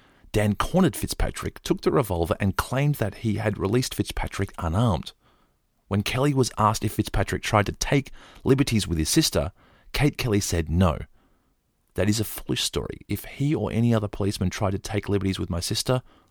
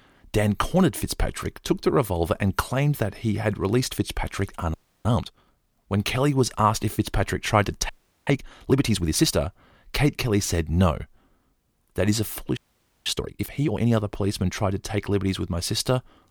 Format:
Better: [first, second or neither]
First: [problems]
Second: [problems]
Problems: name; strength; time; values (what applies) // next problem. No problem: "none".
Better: first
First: none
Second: audio freezing; at 4.5 s, at 8 s and at 13 s